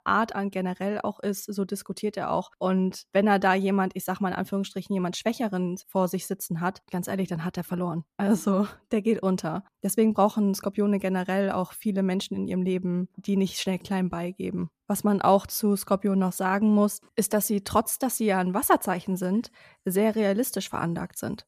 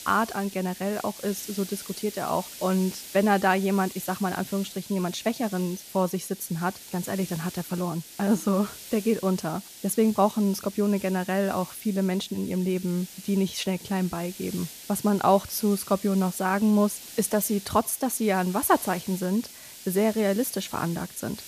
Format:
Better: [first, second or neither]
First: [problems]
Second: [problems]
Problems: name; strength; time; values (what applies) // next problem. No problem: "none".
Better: first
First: none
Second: hiss; noticeable; throughout; 15 dB below the speech